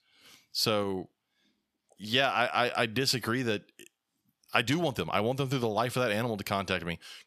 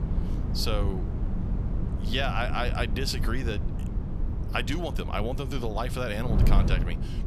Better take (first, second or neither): first